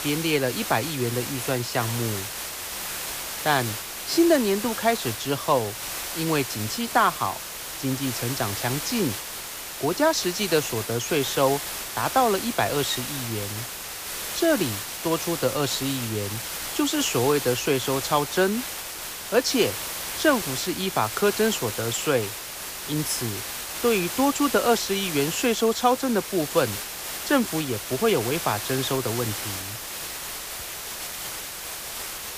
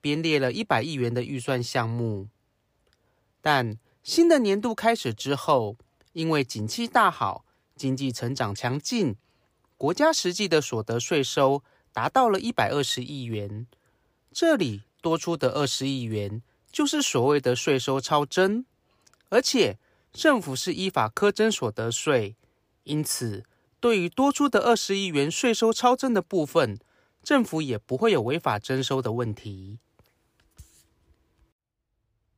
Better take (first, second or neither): second